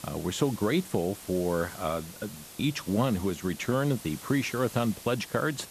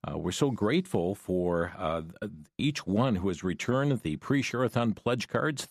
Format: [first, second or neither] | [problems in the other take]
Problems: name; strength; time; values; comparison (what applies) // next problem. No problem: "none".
second | hiss; noticeable; throughout; 15 dB below the speech